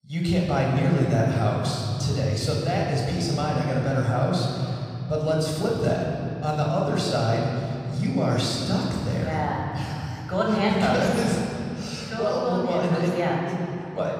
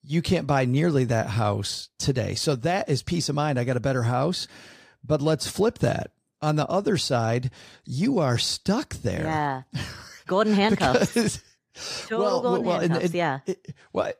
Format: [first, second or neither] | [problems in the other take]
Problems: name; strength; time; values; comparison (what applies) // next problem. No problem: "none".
second | off-mic speech; somewhat distant // room echo; noticeable; dies away in 3 s